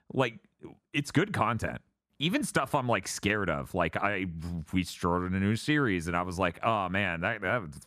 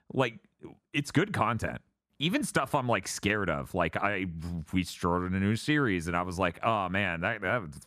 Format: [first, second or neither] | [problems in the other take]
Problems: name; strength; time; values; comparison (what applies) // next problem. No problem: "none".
neither | none